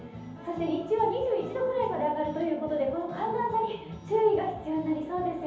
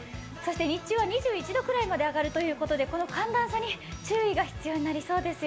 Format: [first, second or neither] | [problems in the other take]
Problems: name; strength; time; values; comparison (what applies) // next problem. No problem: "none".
second | room echo; dies away in 0.8 s